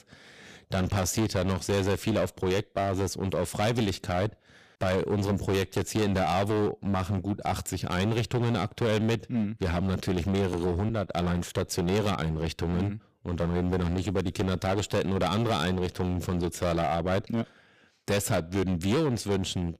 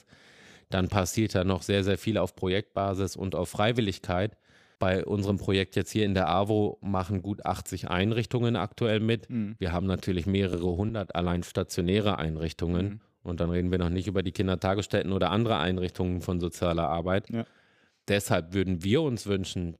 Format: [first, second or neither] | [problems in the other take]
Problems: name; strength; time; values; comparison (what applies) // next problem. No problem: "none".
second | distortion; heavy; 14% of the sound clipped